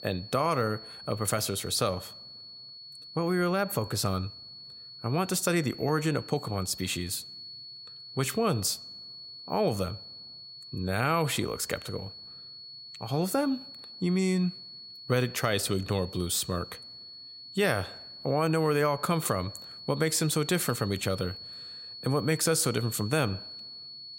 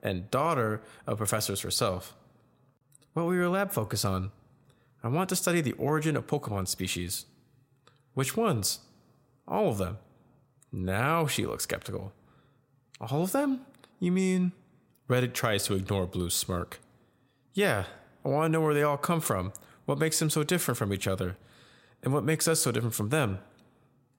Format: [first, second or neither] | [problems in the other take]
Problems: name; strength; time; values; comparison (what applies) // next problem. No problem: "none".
second | high-pitched whine; noticeable; throughout; 4.5 kHz, 15 dB below the speech